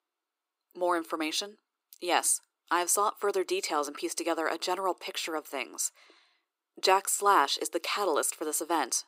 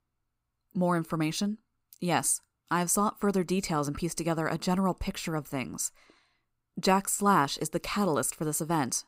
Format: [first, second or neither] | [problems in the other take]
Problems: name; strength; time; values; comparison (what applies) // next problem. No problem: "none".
second | thin; very; fading below 350 Hz